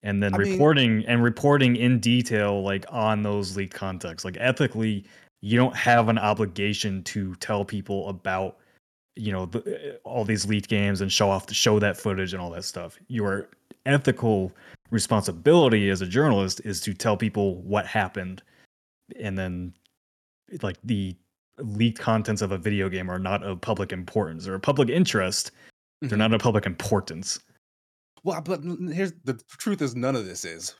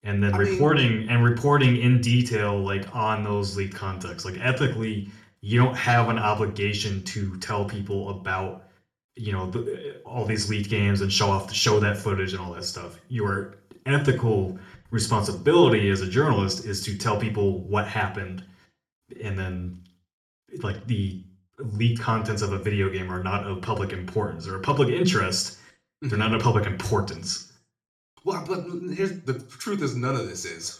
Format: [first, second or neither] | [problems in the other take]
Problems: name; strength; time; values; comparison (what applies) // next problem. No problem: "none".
first | room echo; very slight; dies away in 0.4 s // off-mic speech; somewhat distant